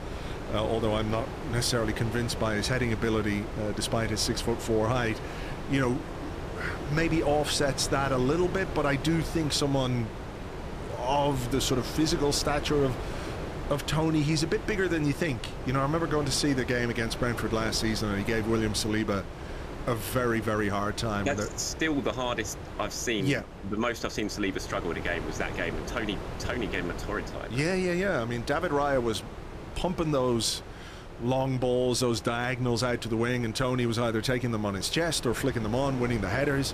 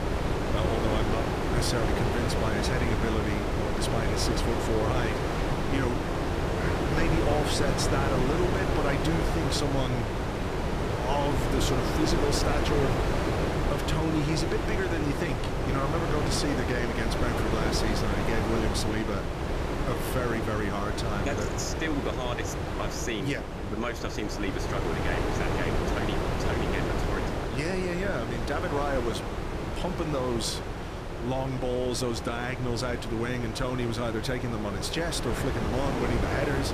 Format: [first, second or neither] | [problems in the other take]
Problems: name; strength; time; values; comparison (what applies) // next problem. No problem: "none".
first | wind noise on the microphone; heavy; 1 dB above the speech; occasional gusts in the first